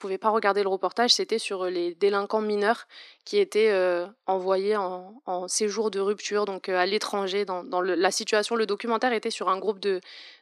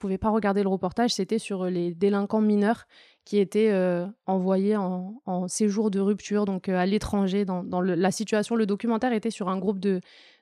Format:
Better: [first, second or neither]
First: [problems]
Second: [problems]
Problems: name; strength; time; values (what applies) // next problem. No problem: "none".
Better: second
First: thin; somewhat; fading below 300 Hz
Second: none